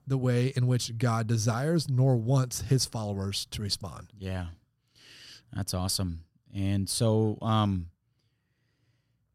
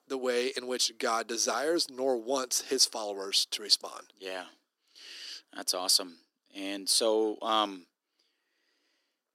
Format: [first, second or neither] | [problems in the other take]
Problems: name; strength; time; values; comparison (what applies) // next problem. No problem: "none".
first | thin; very; fading below 300 Hz